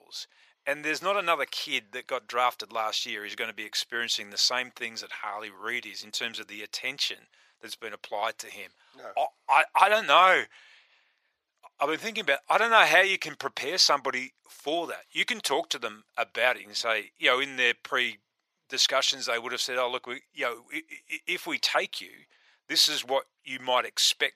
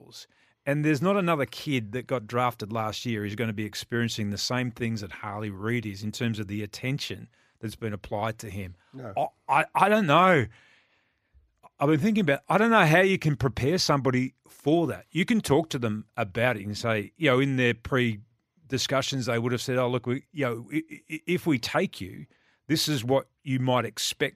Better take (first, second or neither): second